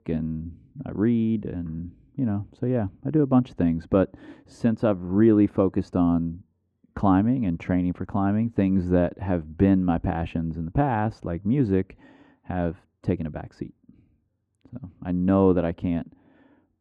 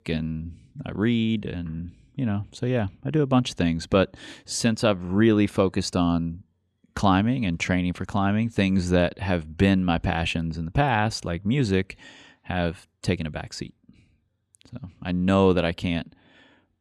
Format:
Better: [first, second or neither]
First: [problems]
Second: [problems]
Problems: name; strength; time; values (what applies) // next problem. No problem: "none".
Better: second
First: muffled; very; fading above 2.5 kHz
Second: none